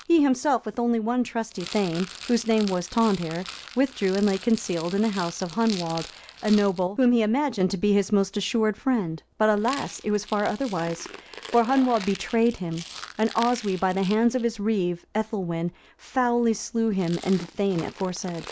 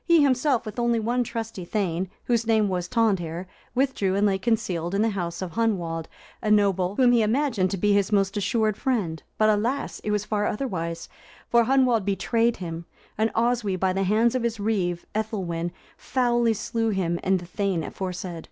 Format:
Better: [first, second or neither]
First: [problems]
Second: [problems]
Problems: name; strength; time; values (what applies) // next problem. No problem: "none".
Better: second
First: background sound (Rattle); 18 dB below the speech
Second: none